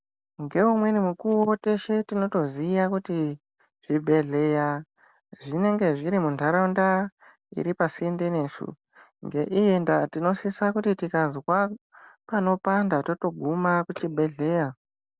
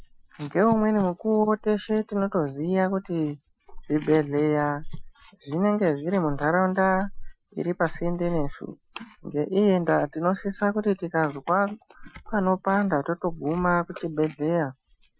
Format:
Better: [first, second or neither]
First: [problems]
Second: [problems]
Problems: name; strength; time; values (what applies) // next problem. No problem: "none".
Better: first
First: none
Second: noise reduction (classical method Wiener filter)